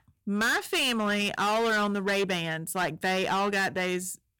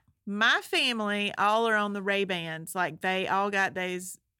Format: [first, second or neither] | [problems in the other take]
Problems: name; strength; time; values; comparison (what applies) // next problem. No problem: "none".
second | distortion; heavy; 17% of the sound clipped